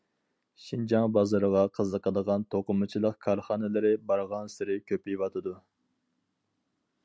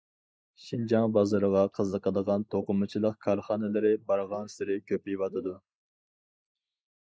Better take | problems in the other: first | noise reduction (neural mask model Resemble Enhance denoiser)

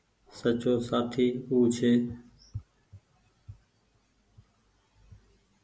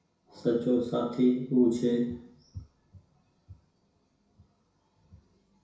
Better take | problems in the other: first | room echo; dies away in 0.6 s

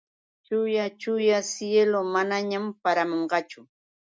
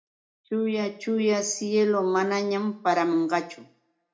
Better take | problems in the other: first | room echo; dies away in 0.3 s

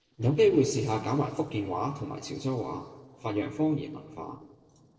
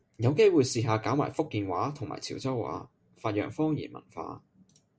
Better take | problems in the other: second | noise reduction (neural separator model SepFormer DNS4)

